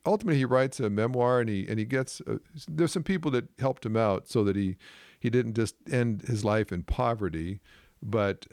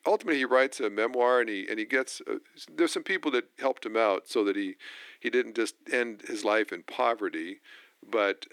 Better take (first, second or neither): first